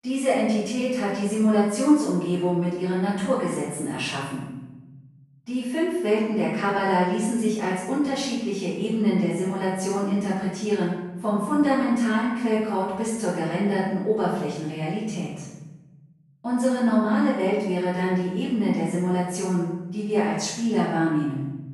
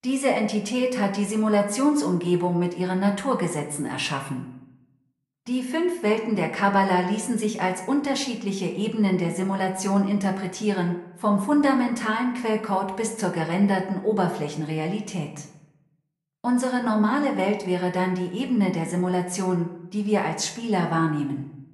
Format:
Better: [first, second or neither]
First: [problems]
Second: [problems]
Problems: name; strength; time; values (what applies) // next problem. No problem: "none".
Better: second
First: room echo; strong; dies away in 1.1 s // off-mic speech; far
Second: room echo; slight; dies away in 0.6 s